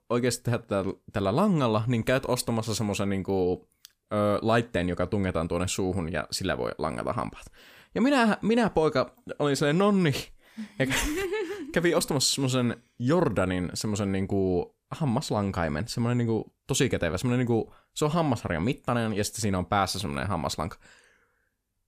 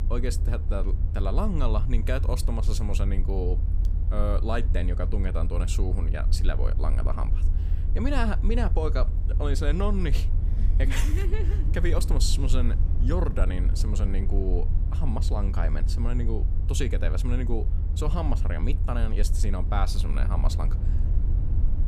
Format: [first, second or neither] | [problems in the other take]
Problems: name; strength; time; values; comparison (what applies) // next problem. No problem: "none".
first | low rumble; noticeable; throughout; 10 dB below the speech